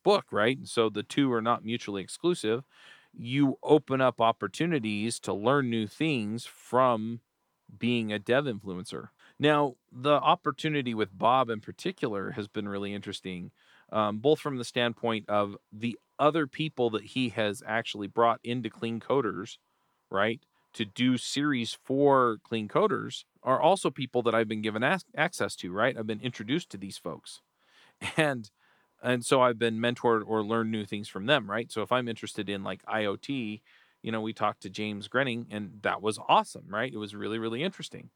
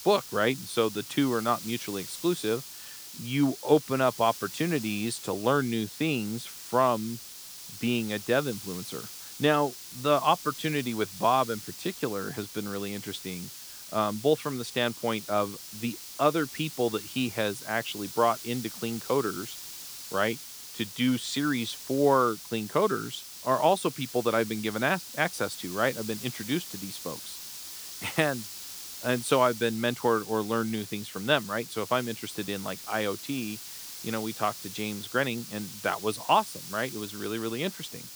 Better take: first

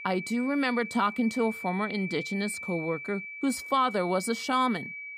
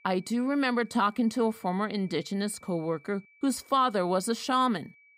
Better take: second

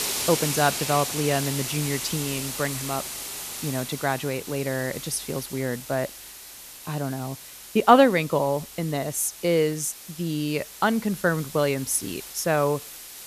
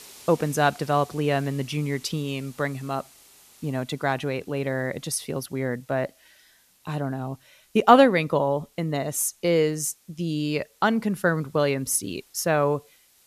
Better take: second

